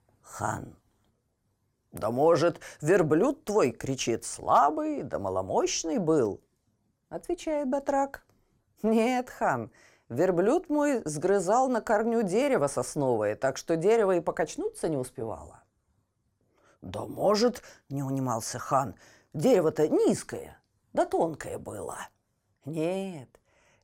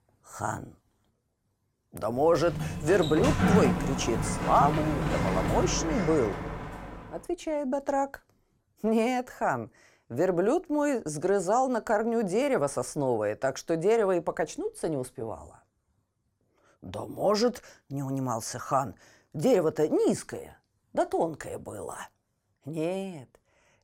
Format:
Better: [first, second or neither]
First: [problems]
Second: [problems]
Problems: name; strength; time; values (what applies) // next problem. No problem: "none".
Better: first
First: none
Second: door banging; loud; from 2.5 to 6.5 s; peak 5 dB above the speech